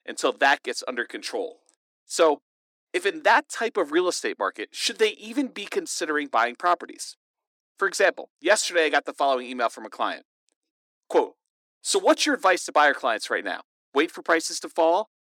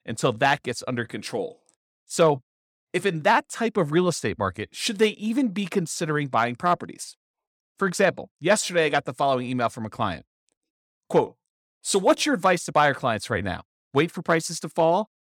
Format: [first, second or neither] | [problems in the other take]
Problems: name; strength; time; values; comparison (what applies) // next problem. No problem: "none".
second | thin; somewhat; fading below 300 Hz